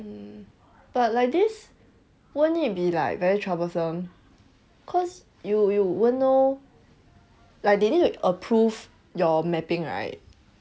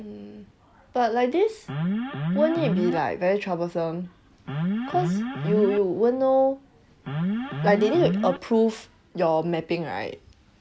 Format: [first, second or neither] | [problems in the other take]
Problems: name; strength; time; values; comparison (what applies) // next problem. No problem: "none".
first | background sound (Alarm); 2 dB below the speech